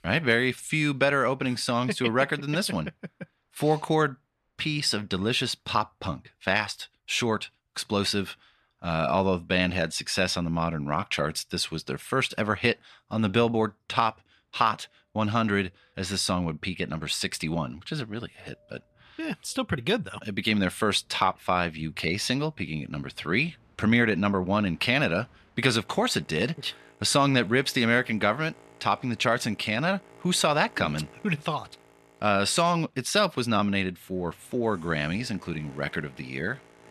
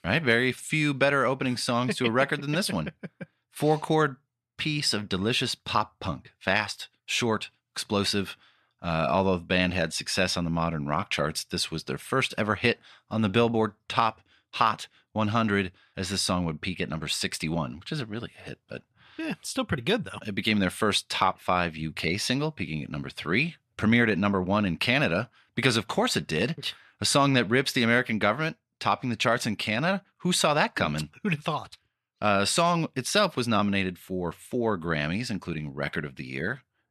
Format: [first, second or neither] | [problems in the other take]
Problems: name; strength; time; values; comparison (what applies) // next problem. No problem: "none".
second | train or aircraft noise; faint; throughout; 30 dB below the speech